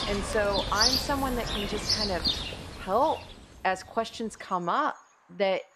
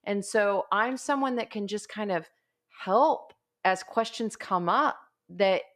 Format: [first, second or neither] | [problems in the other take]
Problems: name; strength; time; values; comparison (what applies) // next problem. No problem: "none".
second | animal sounds; very loud; throughout; 2 dB above the speech